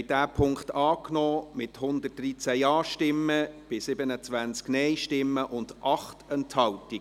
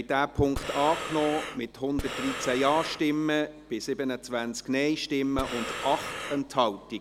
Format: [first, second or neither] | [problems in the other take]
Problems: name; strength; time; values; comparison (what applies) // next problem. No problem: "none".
first | background sound (Breathing); 8 dB below the speech